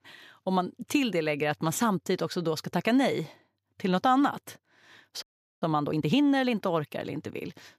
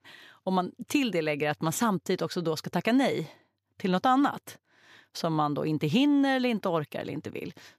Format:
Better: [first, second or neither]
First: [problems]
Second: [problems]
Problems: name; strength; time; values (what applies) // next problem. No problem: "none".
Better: second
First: audio freezing; at 5 s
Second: none